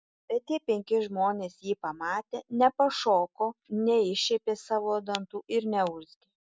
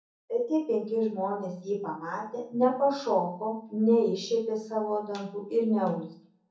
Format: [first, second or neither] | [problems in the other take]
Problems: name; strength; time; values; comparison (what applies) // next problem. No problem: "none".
first | room echo; dies away in 0.6 s